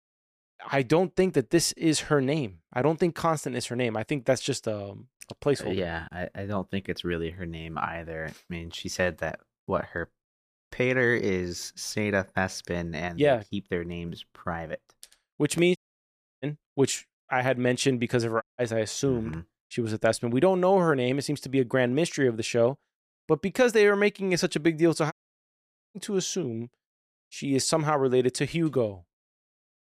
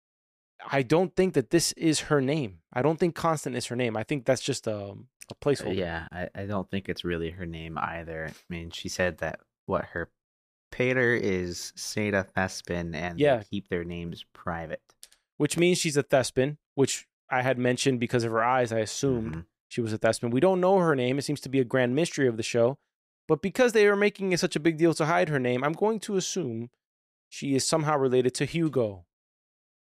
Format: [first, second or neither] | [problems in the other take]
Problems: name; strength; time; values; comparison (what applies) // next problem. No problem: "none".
second | audio cutting out; at 16 s for 0.5 s, at 18 s and at 25 s for 1 s